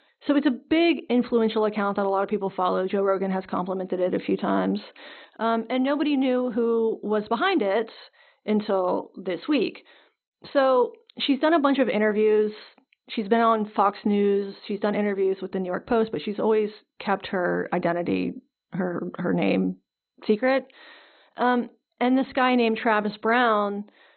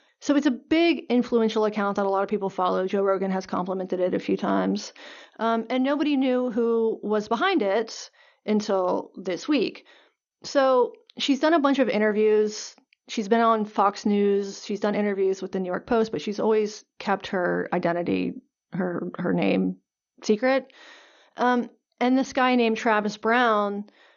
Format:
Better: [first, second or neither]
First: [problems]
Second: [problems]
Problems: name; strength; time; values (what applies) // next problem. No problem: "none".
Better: second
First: garbled, watery; badly; nothing above 4 kHz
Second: garbled, watery; slightly; nothing above 6.5 kHz